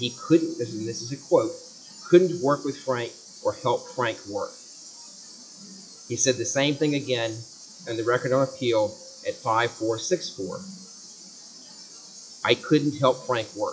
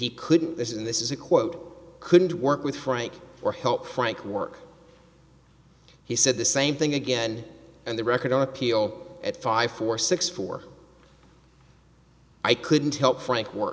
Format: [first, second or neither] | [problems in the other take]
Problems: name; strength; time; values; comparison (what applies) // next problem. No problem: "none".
second | noise reduction (classical method log-MMSE)